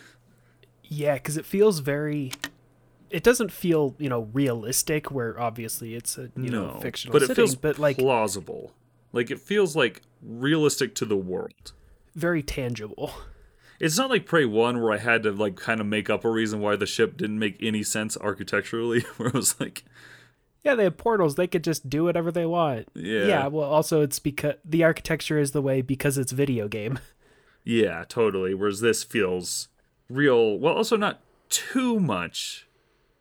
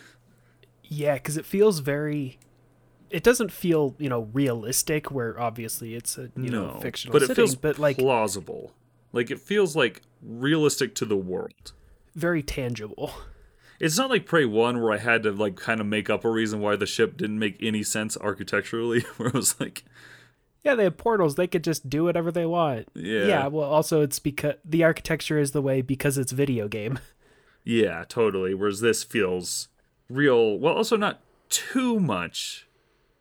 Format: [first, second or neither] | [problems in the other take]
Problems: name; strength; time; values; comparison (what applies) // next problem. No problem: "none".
second | phone ringing; faint; at 2.5 s; peak 10 dB below the speech